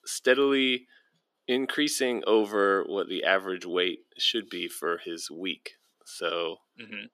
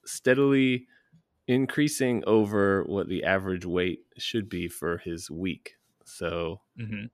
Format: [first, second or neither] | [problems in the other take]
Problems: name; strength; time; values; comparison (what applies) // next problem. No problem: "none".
second | thin; very slightly; fading below 300 Hz